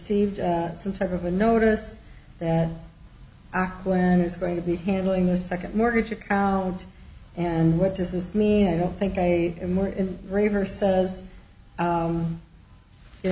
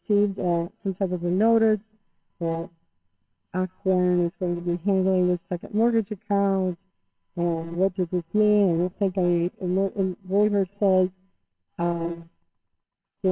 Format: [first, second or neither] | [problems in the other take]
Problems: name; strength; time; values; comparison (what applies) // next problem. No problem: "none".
first | noise reduction (neural separator model SepFormer WHAMR!)